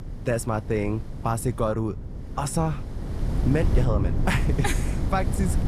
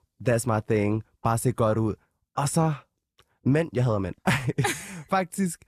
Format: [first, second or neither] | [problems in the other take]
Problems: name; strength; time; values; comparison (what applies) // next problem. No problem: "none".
second | wind noise on the microphone; occasional gusts; 10 dB below the speech